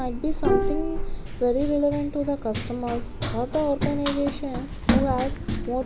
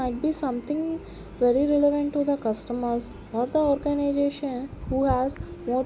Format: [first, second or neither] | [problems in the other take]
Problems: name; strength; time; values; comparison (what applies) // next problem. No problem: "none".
second | background sound (Run + Bowed string instrument); as loud as the speech